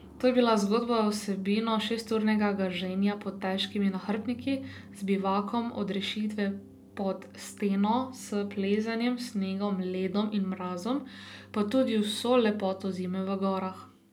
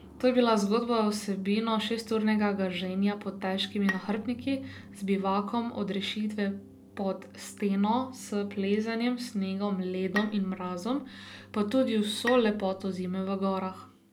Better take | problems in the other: first | background sound (Bowed string instrument); 13 dB below the speech

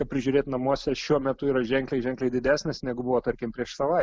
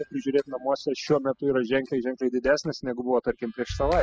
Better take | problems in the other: first | noise reduction (classical method spectral subtraction)

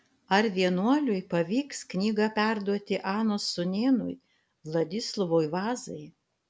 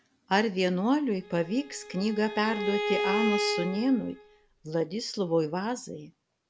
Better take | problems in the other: first | background sound (Bowed string instrument); 4 dB below the speech

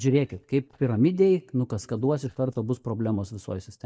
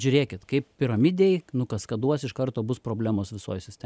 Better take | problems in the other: second | noise reduction (neural mask model DeepFilterNet 3)

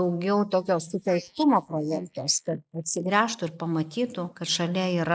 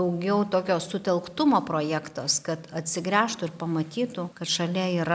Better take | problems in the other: second | noise reduction (neural mask model Resemble Enhance denoiser)

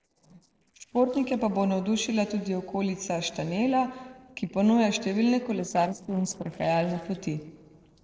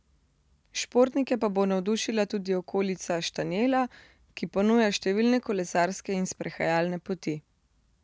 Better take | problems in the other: second | noise reduction (neural separator model SepFormer DNS4)

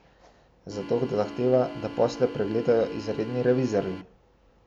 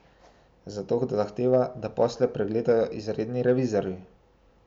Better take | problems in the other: second | background sound (Organ); 12 dB below the speech

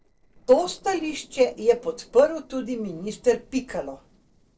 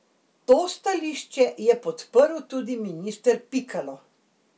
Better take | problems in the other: second | noise reduction (neural separator model SepFormer DNS4)

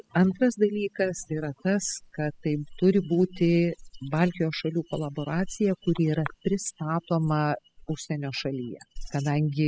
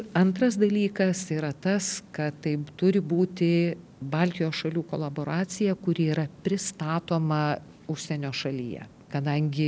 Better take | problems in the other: second | noise reduction (classical method spectral subtraction)

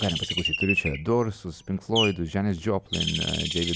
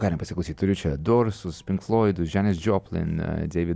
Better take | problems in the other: second | background sound (Bird); 4 dB below the speech

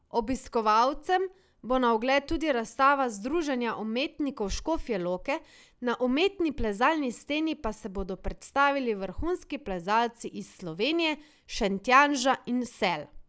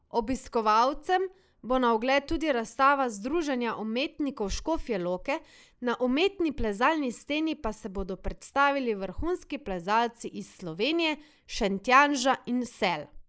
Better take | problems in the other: first | noise reduction (neural mask model Resemble Enhance denoiser)

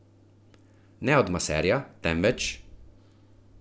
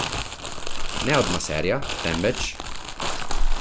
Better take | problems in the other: first | background sound (Crumpling, crinkling); 4 dB above the speech

